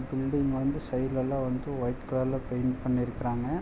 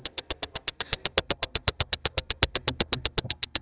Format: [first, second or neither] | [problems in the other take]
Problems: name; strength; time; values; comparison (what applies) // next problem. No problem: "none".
first | noise reduction (neural mask model DeepFilterNet 3)